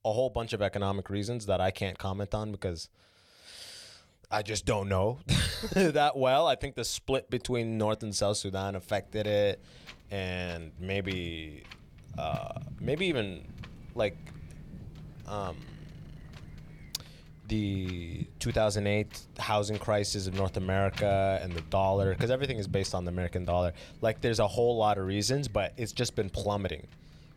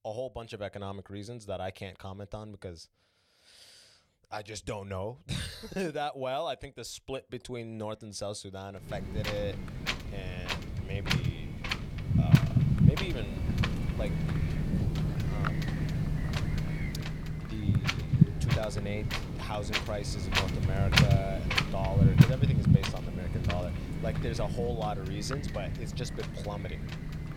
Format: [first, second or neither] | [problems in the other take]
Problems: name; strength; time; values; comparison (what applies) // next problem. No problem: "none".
first | wind noise on the microphone; heavy; from 9 s on; 3 dB above the speech; occasional gusts in the first